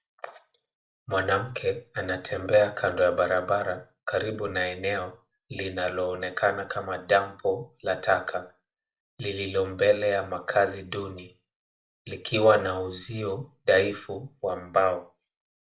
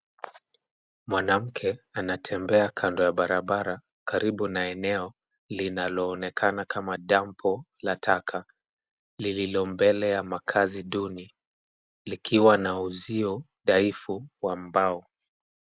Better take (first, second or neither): second